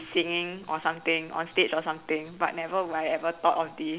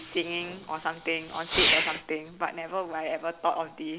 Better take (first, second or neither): first